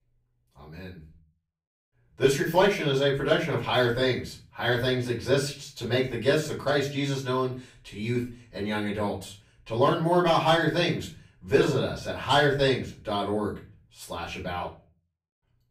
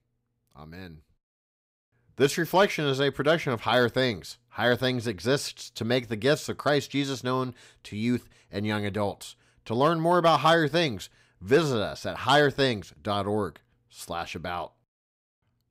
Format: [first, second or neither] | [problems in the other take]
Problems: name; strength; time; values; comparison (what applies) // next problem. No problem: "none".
second | room echo; slight; dies away in 0.3 s // off-mic speech; far